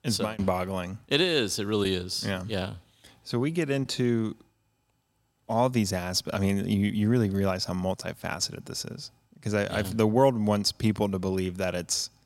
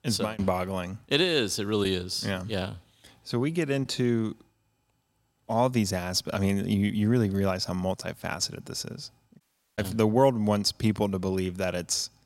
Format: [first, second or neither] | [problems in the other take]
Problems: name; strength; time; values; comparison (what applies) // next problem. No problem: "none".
first | audio cutting out; at 9.5 s